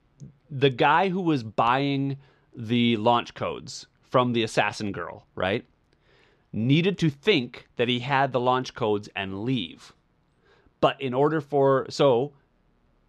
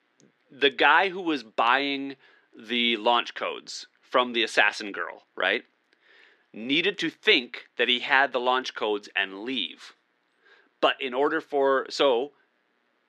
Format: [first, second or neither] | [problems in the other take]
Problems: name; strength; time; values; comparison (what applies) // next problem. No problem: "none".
first | thin; somewhat; fading below 250 Hz